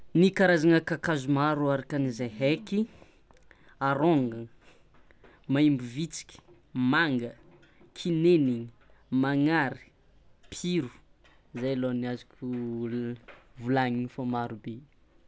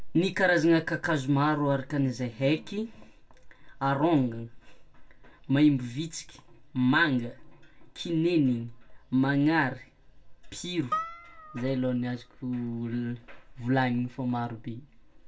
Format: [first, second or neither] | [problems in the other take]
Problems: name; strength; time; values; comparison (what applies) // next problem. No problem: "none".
first | background sound (Harp); 11 dB below the speech // room echo; dies away in 0.2 s